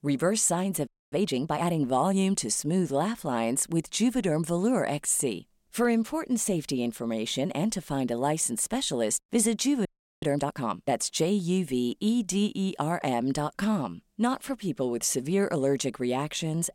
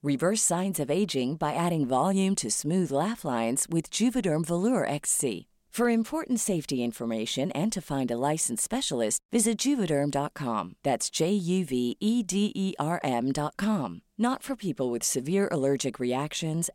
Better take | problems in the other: second | audio freezing; at 1 s and at 10 s

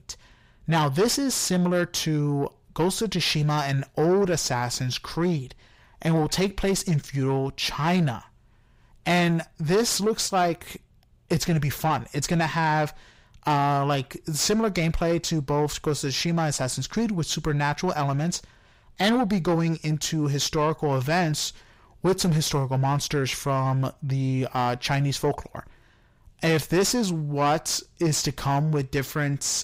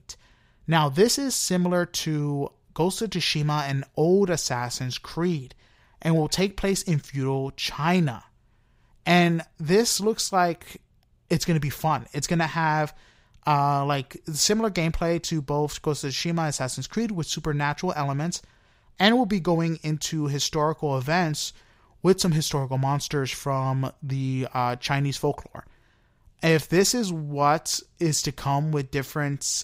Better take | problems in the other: second | distortion; slight; 9 dB below the speech

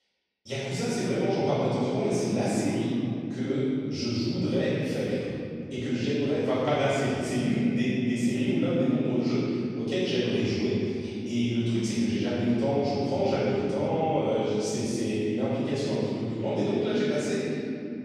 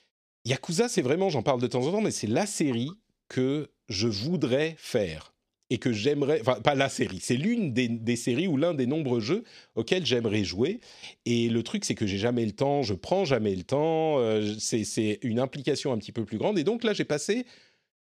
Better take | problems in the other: second | off-mic speech; far // room echo; strong; dies away in 3 s

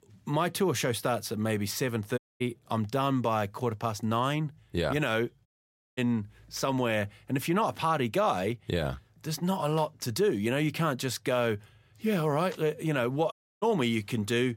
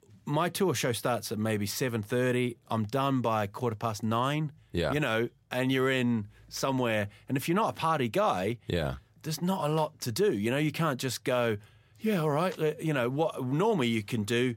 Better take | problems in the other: second | audio cutting out; at 2 s, at 5.5 s for 0.5 s and at 13 s

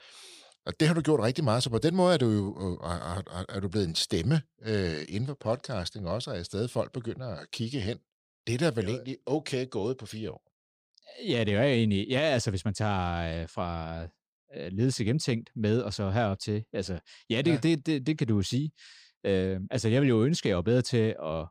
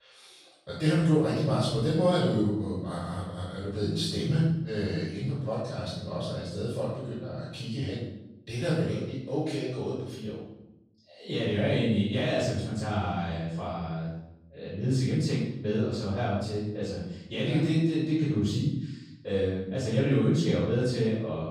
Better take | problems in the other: first | off-mic speech; far // room echo; strong; dies away in 0.8 s

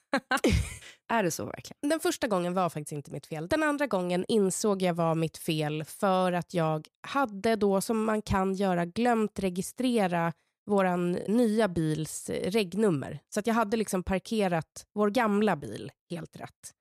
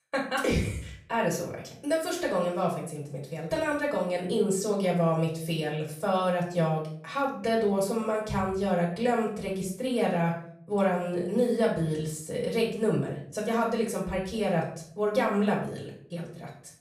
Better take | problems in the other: first | off-mic speech; far // room echo; slight; dies away in 0.5 s

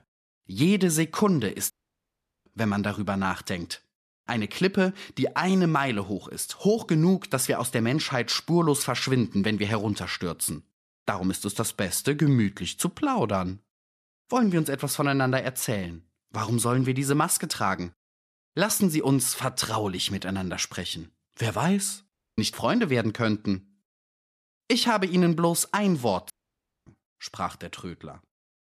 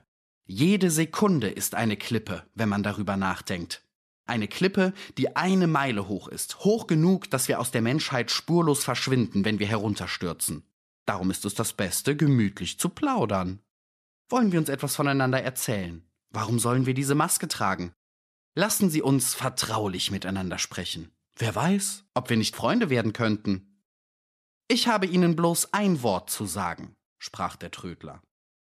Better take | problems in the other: second | audio cutting out; at 1.5 s for 1 s, at 22 s and at 26 s for 0.5 s

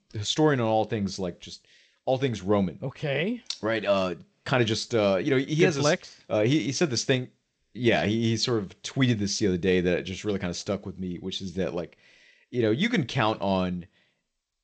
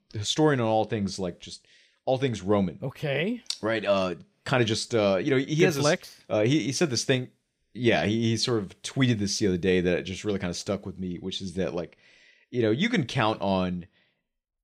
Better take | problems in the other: second | garbled, watery; slightly

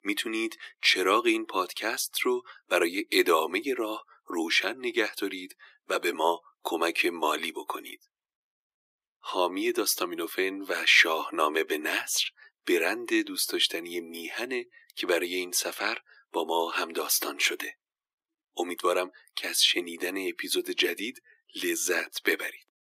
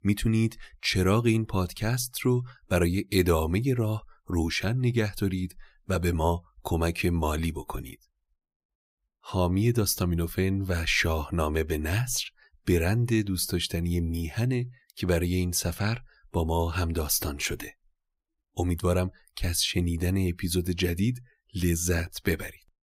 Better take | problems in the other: second | thin; very; fading below 300 Hz

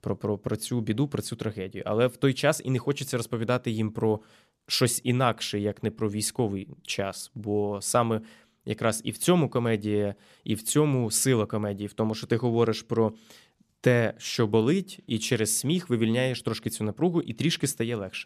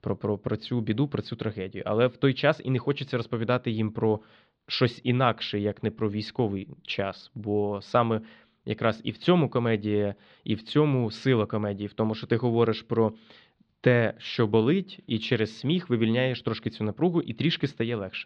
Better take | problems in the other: first | muffled; slightly; fading above 4 kHz

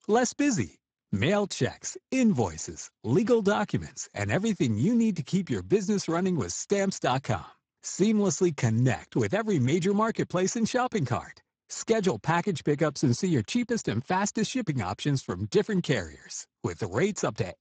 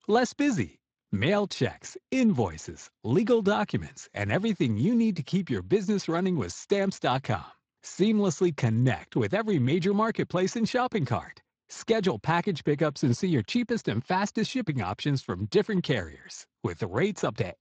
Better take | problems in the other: second | garbled, watery; badly; nothing above 7.5 kHz; slightly in the second

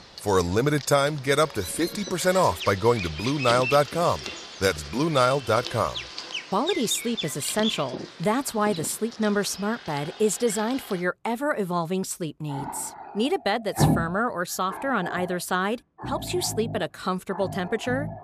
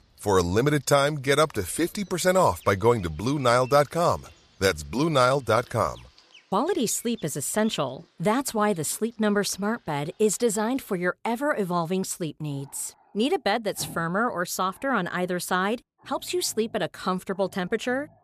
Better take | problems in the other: second | animal sounds; loud; throughout; 8 dB below the speech; faint in the second

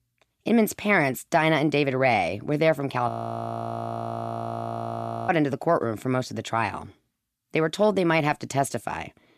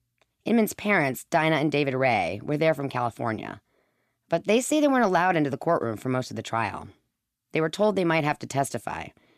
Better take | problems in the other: second | audio freezing; at 3 s for 2 s

